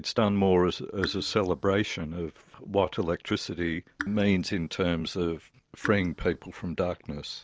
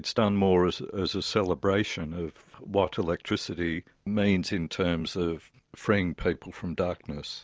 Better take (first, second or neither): second